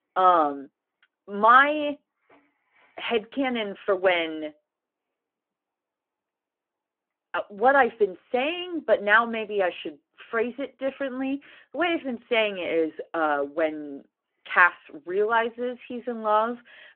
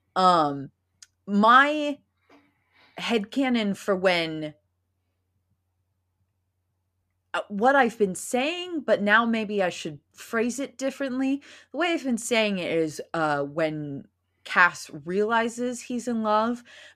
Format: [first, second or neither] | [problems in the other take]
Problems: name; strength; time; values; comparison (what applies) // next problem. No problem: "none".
second | phone-call audio